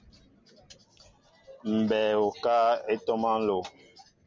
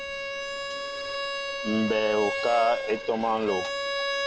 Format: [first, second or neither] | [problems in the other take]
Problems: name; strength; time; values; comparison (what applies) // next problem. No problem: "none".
first | background sound (Bowed string instrument); 3 dB below the speech